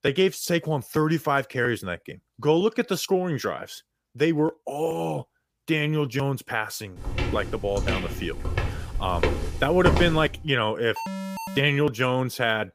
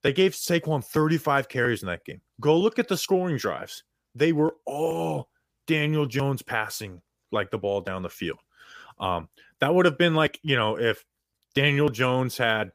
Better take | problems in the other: second | footsteps; loud; from 7 to 10 s; peak 1 dB above the speech // alarm; noticeable; at 11 s; peak 7 dB below the speech

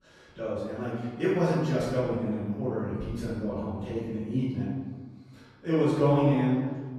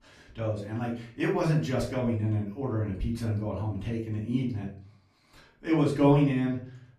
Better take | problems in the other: second | room echo; strong; dies away in 1.4 s; slight in the second // off-mic speech; far; far in the second

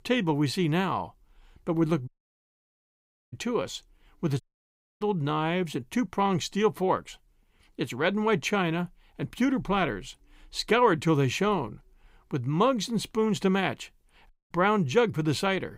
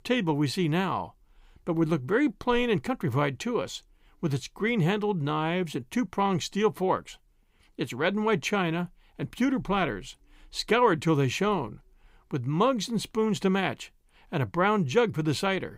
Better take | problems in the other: second | audio cutting out; at 2 s for 1 s, at 4.5 s for 0.5 s and at 14 s

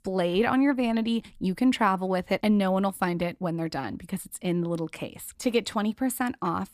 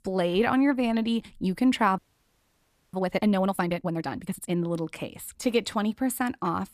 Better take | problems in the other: first | audio freezing; at 2 s for 1 s

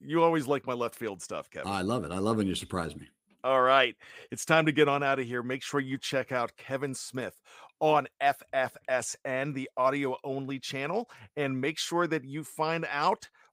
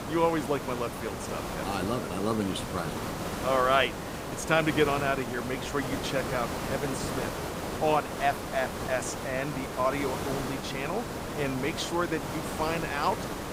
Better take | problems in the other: first | hiss; loud; throughout; 4 dB below the speech

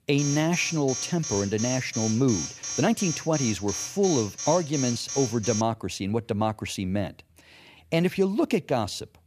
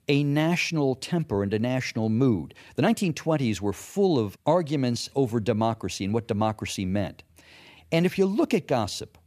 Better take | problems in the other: second | alarm; noticeable; until 5.5 s; peak 4 dB below the speech

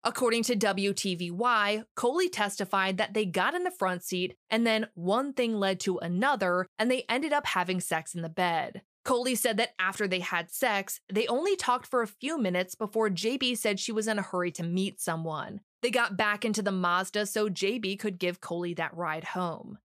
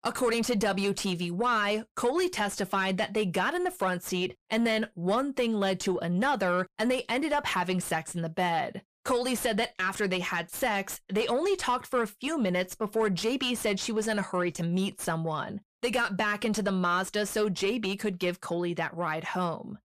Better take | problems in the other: first | distortion; slight; 10 dB below the speech

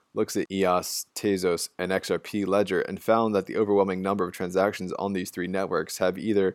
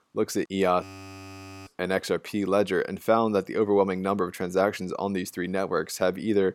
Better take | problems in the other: first | audio freezing; at 1 s for 1 s

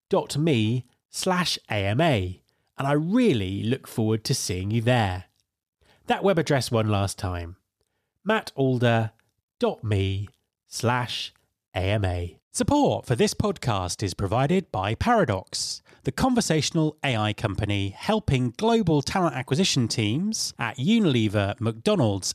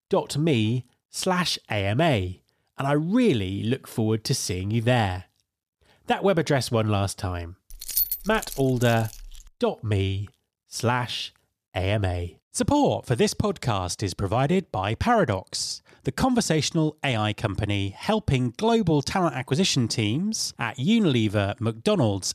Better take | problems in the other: first | jangling keys; loud; from 7.5 to 9.5 s; peak 1 dB above the speech

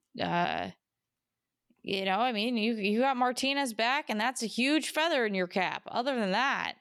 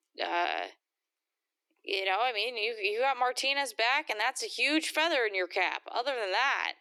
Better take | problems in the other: first | thin; very; fading below 300 Hz

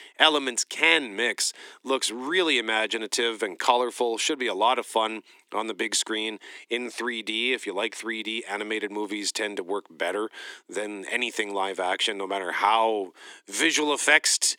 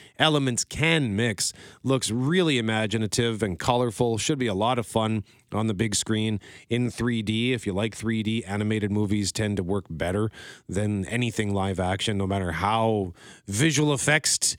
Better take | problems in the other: second | thin; very; fading below 300 Hz

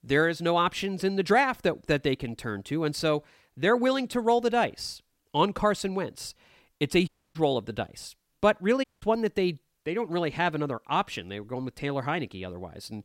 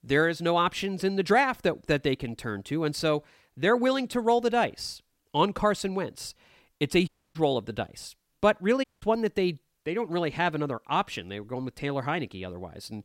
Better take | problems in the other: neither | audio cutting out; at 7 s and at 9 s; the same in both

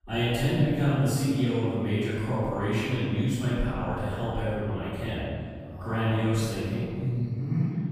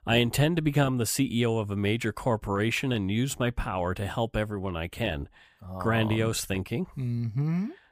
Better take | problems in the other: second | room echo; strong; dies away in 1.9 s // off-mic speech; far

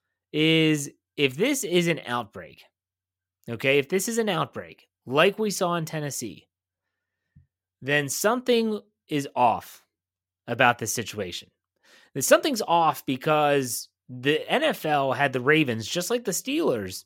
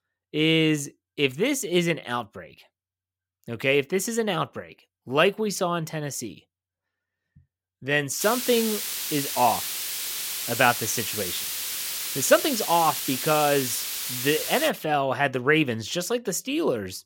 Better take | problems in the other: first | hiss; loud; from 8 to 15 s; 3 dB below the speech

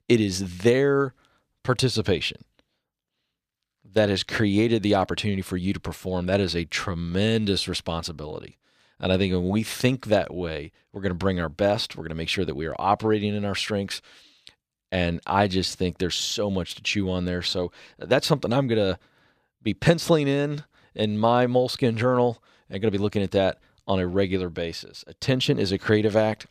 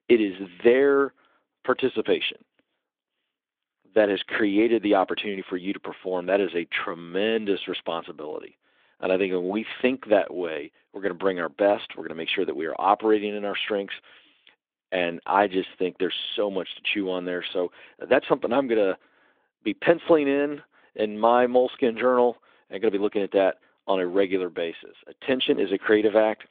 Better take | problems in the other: first | phone-call audio; nothing above 3.5 kHz

